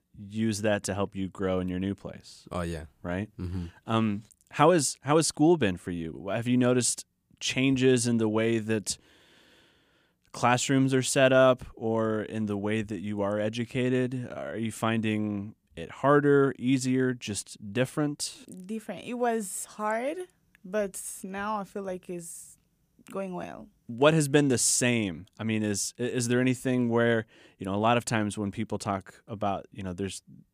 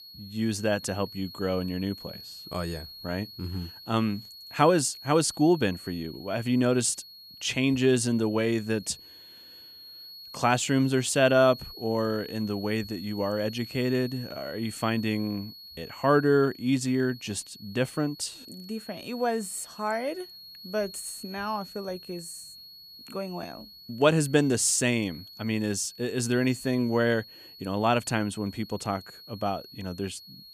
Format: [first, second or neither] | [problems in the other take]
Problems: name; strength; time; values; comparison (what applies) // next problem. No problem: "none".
first | high-pitched whine; noticeable; throughout; 4.5 kHz, 15 dB below the speech